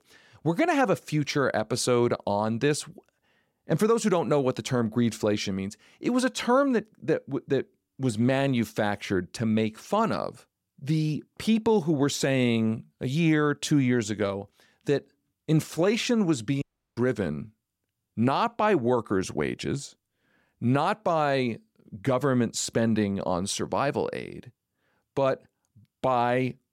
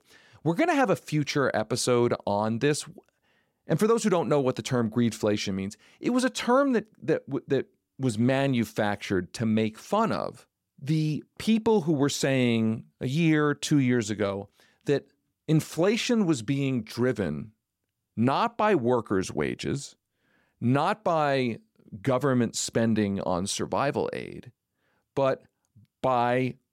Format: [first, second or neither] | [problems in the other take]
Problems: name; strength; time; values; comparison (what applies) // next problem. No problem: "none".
second | audio cutting out; at 17 s